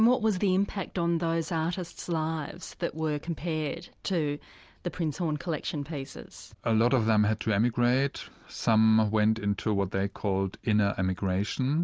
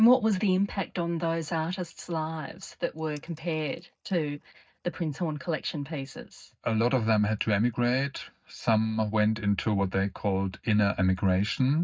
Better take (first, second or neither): first